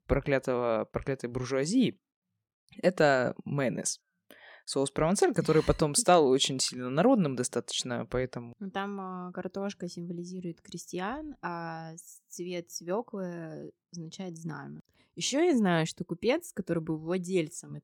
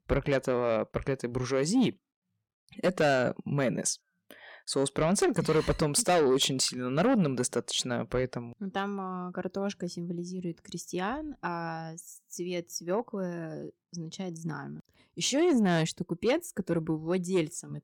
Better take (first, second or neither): first